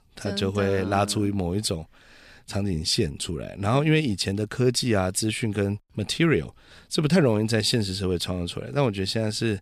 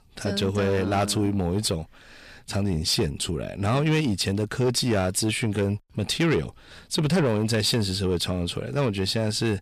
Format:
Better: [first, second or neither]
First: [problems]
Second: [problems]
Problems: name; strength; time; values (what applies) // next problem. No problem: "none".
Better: first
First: none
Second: distortion; slight; 10 dB below the speech